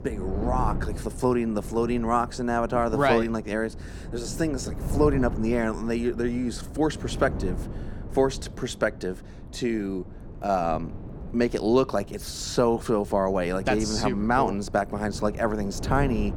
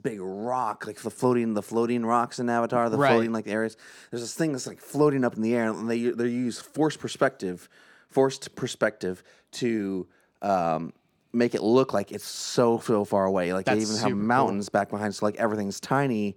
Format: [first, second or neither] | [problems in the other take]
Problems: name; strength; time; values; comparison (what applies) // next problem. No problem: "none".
second | wind noise on the microphone; occasional gusts; 15 dB below the speech